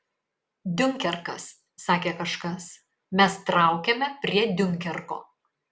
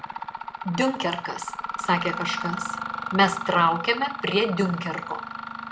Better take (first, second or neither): first